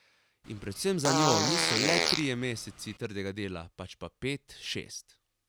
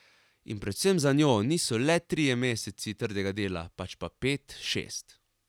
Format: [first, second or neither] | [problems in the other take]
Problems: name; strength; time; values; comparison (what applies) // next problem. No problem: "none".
second | background sound (Fart); 3 dB above the speech